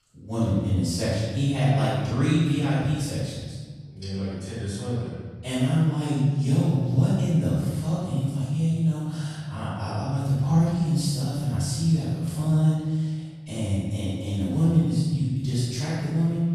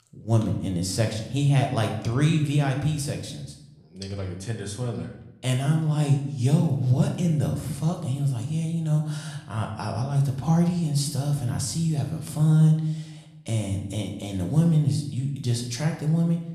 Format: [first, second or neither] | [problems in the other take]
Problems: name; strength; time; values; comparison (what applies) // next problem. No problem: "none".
second | room echo; strong; dies away in 1.4 s; slight in the second // off-mic speech; far